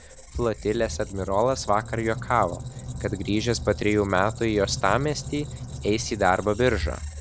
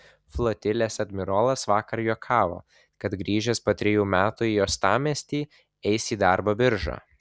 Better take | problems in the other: second | background sound (Squeak); 10 dB below the speech

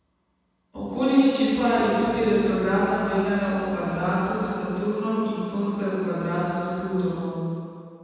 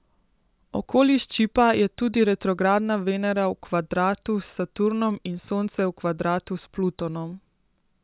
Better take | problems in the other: second | background sound (Piano); 18 dB below the speech // room echo; dies away in 2.1 s

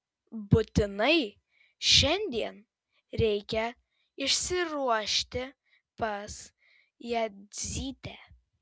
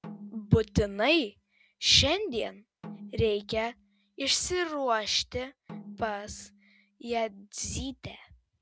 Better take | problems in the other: first | background sound (Snare drum); 20 dB below the speech

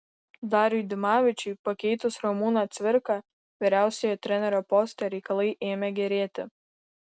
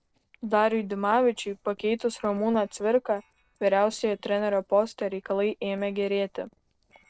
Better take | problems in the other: first | noise reduction (neural separator model SepFormer DNS4)

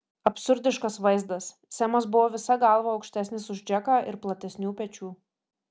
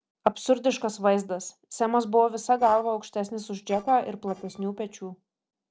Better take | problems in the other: first | noise reduction (neural separator model SepFormer DNS4)

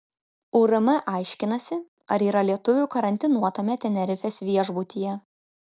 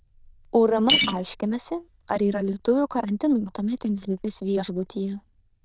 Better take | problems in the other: first | noise reduction (neural diffusion model UNIVERSE++)

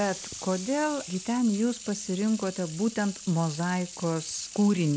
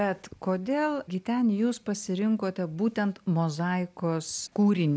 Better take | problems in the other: second | background sound (Sink (filling or washing) / Water tap, faucet); 14 dB below the speech

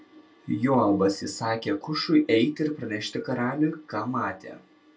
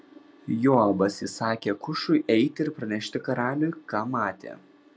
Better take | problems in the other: second | room echo; dies away in 0.2 s

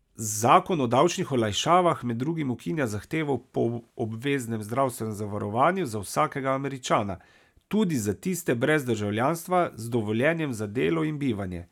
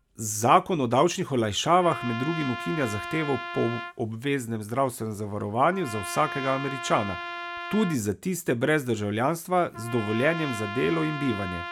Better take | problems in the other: first | background sound (Trumpet); 11 dB below the speech

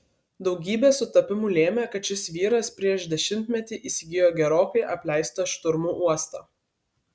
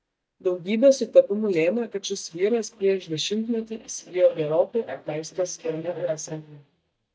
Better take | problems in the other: first | noise reduction (neural mask model DeepFilterNet 3)

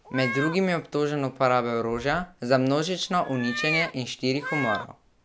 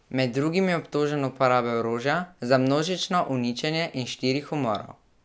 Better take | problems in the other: second | background sound (Meow); 9 dB below the speech

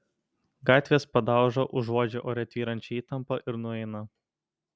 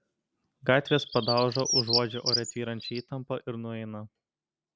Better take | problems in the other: first | background sound (Bird); 3 dB below the speech

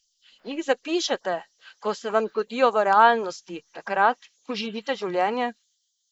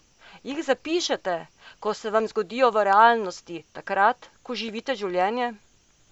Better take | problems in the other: second | noise reduction (neural mask model Resemble Enhance denoiser)

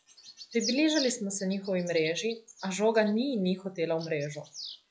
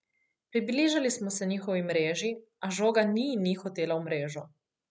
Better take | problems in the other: second | noise reduction (classical method log-MMSE)

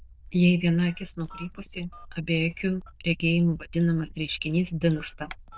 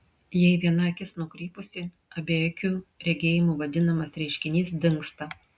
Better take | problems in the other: second | noise reduction (neural diffusion model UNIVERSE++)

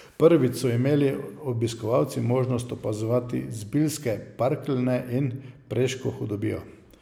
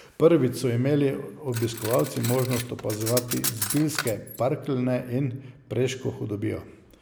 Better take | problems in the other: first | background sound (Cutlery, silverware); 9 dB below the speech

